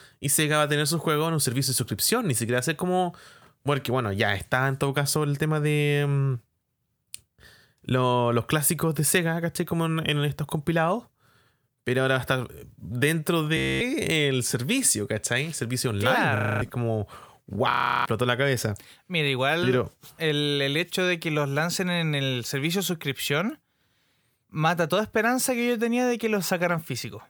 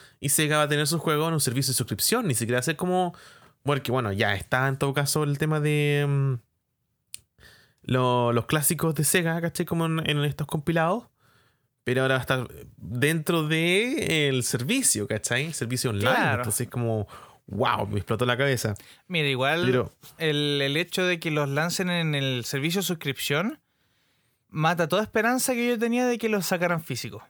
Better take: second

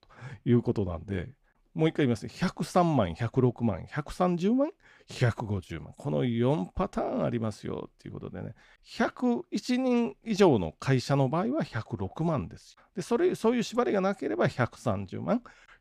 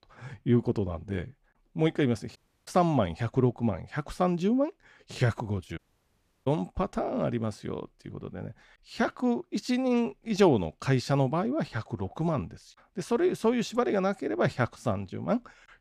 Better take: first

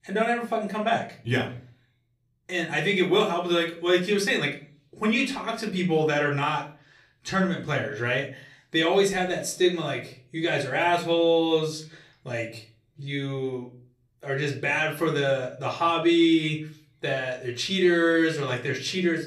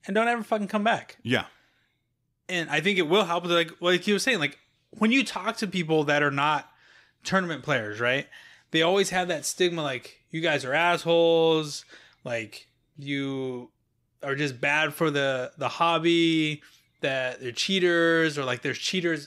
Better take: second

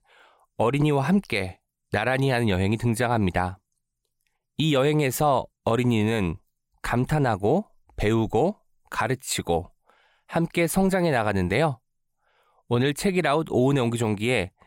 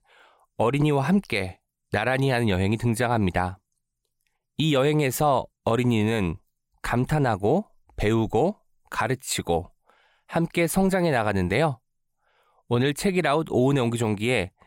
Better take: neither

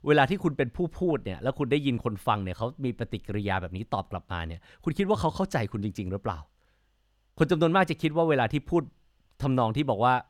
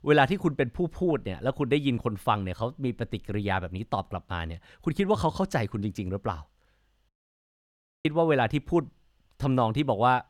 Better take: first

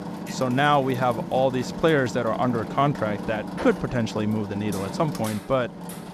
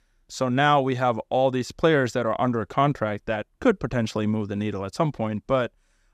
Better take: second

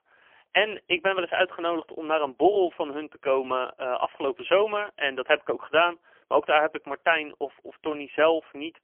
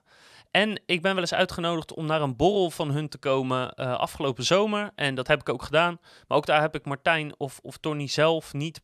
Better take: second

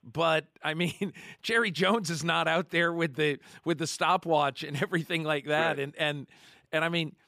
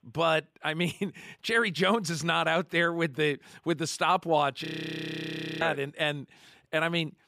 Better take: first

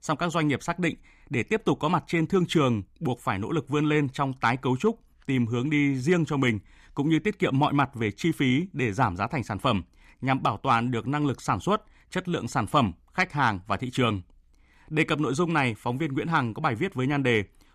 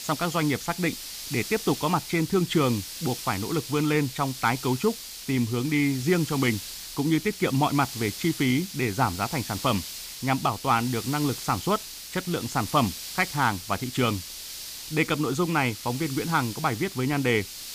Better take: first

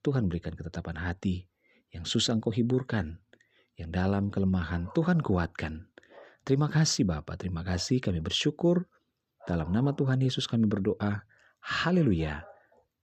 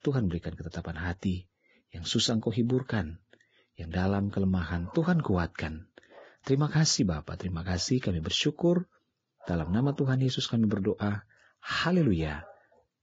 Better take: first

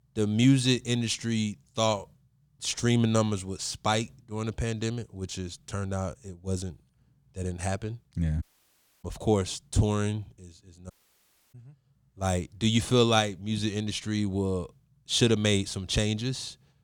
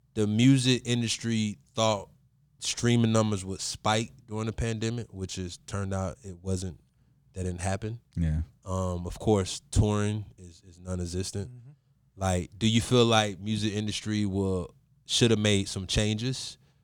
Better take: second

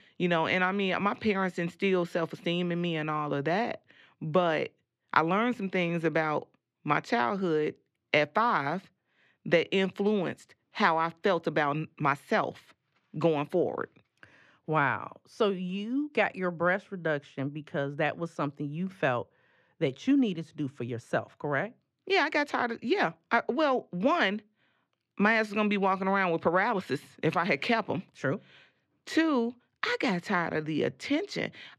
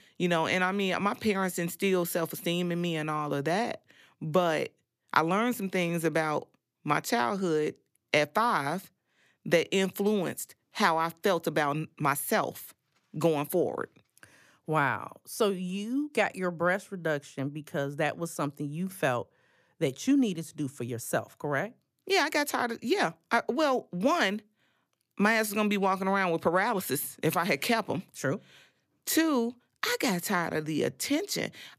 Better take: second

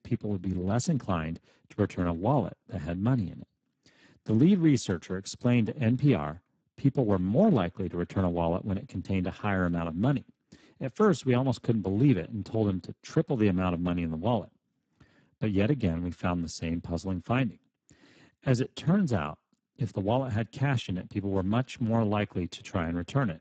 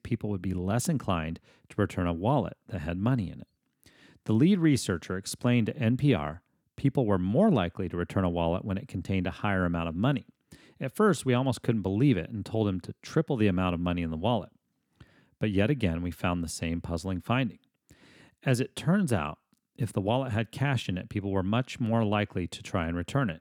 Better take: second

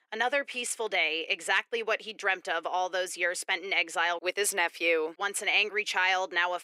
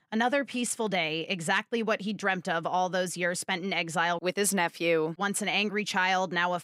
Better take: second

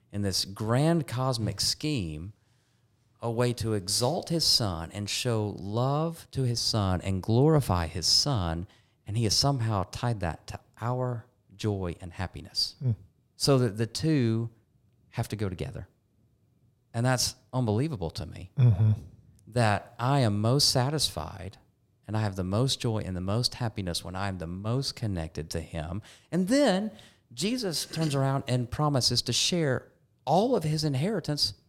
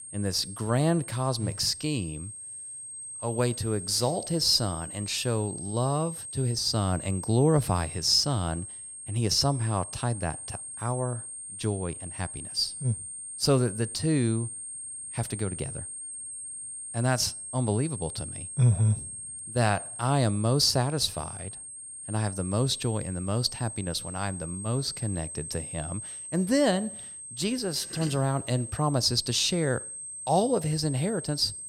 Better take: first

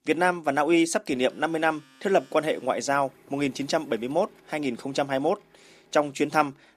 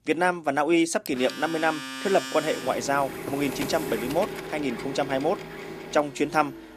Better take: first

